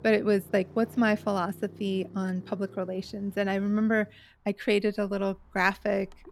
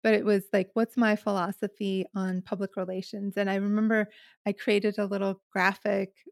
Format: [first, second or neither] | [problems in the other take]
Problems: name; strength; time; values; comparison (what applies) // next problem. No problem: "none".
second | traffic noise; faint; throughout; 20 dB below the speech